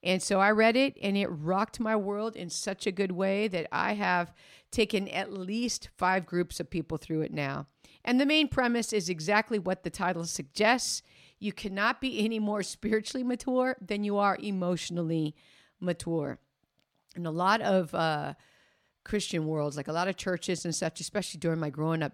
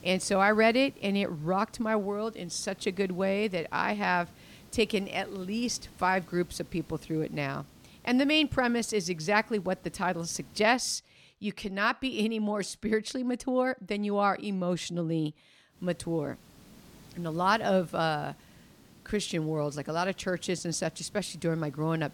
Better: first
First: none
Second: hiss; faint; until 11 s and from 16 s on; 25 dB below the speech

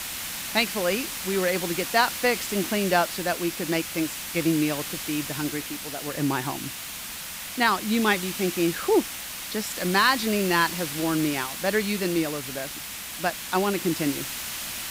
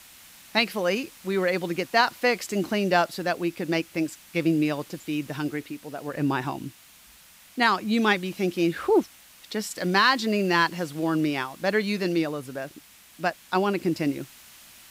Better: second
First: hiss; loud; throughout; 6 dB below the speech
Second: hiss; faint; throughout; 20 dB below the speech

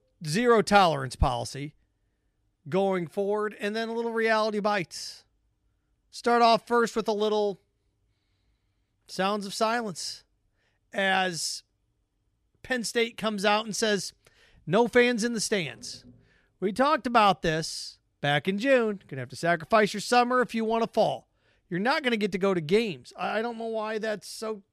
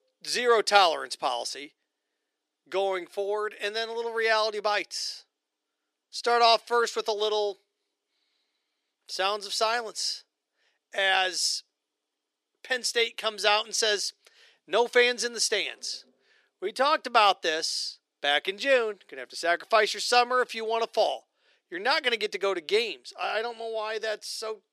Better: first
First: none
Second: thin; very; fading below 350 Hz

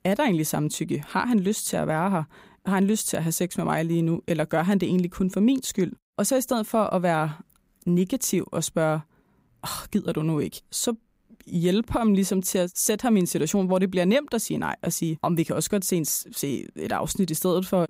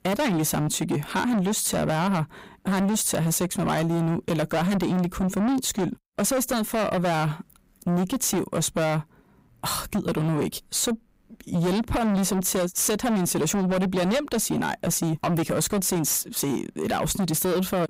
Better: first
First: none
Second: distortion; heavy; 7 dB below the speech

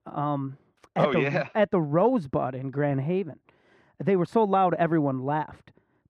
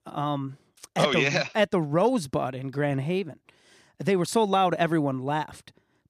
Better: second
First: muffled; very; fading above 3.5 kHz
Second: none

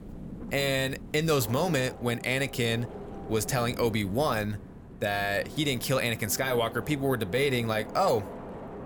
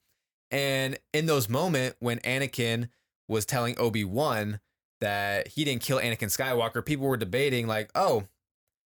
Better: second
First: wind noise on the microphone; occasional gusts; 15 dB below the speech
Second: none

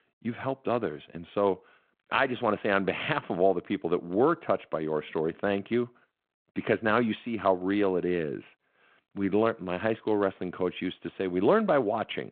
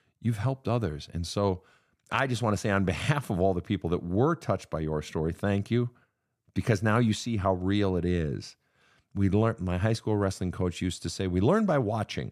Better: second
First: phone-call audio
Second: none

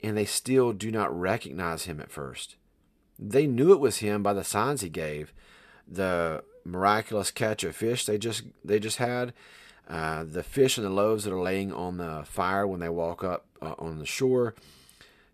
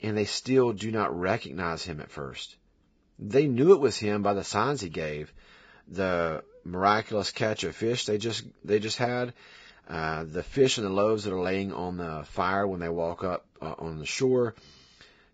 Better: first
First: none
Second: garbled, watery; badly; nothing above 7.5 kHz

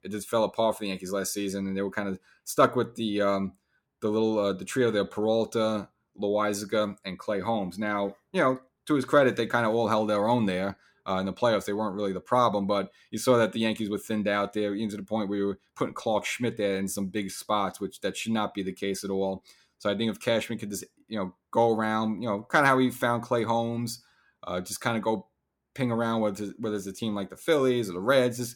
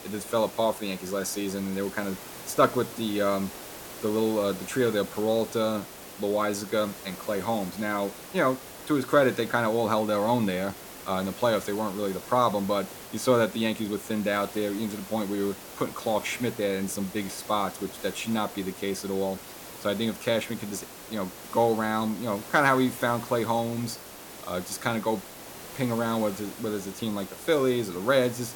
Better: first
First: none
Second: hiss; noticeable; throughout; 15 dB below the speech

